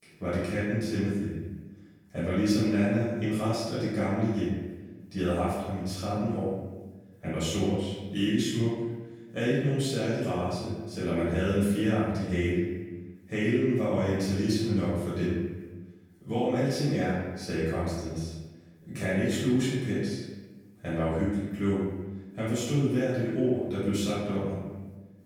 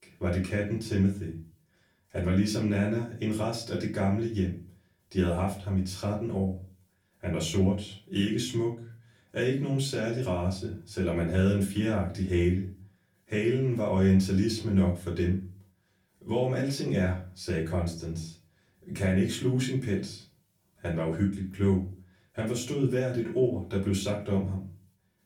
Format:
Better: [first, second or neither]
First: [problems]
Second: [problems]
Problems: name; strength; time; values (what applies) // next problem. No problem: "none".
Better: second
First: room echo; strong; dies away in 1.1 s // off-mic speech; far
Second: room echo; slight; dies away in 0.3 s // off-mic speech; far